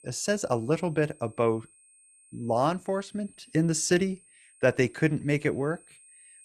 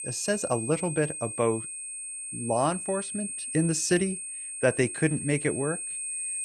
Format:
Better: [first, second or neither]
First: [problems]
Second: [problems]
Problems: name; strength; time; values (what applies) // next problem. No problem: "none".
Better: first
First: high-pitched whine; faint; throughout; 8.5 kHz, 25 dB below the speech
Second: high-pitched whine; loud; throughout; 8.5 kHz, 5 dB below the speech